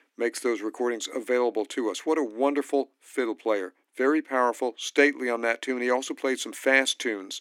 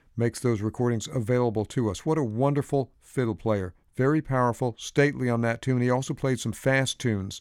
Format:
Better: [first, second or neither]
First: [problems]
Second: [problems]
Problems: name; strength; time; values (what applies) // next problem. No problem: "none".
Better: second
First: thin; somewhat; fading below 250 Hz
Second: none